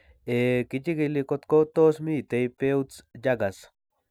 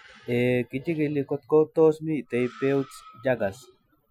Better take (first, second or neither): first